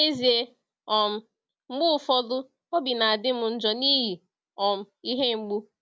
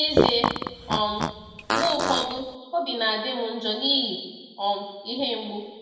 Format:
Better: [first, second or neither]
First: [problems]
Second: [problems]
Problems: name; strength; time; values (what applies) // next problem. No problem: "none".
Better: first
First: none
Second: background sound (Fart); 1 dB above the speech // room echo; dies away in 1.2 s